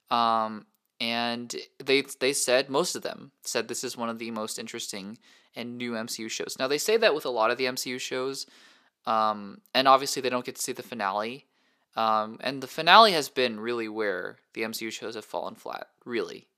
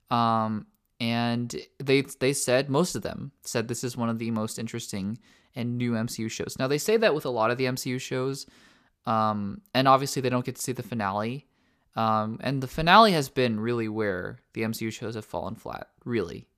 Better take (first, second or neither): second